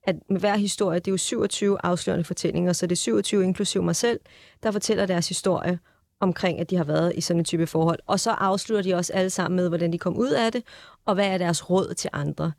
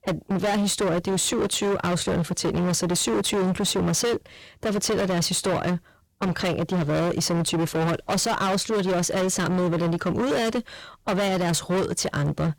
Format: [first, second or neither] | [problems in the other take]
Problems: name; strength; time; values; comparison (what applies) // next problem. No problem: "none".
first | distortion; heavy; 31% of the sound clipped